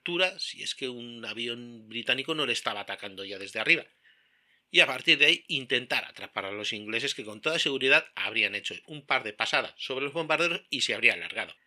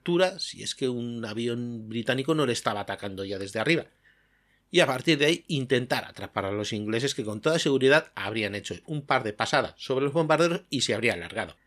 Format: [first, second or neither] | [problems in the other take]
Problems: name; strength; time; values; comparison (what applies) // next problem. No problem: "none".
second | thin; very slightly; fading below 350 Hz